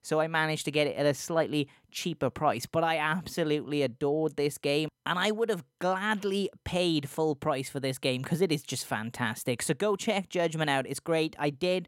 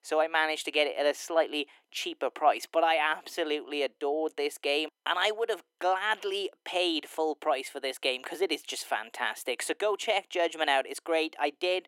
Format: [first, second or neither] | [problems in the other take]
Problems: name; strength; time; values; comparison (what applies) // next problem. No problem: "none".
first | thin; very; fading below 350 Hz